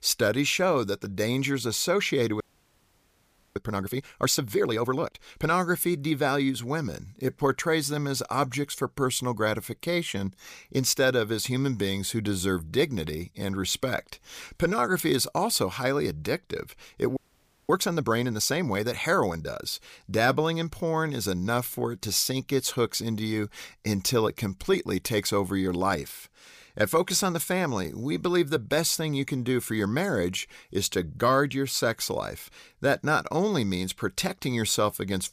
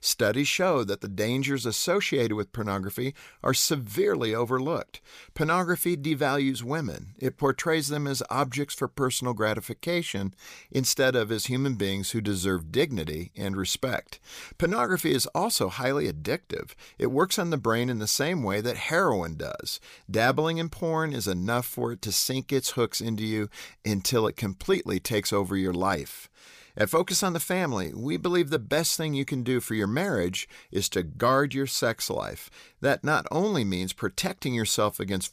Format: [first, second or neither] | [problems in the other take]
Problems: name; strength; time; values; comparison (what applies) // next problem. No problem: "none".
second | audio freezing; at 2.5 s for 1 s and at 17 s for 0.5 s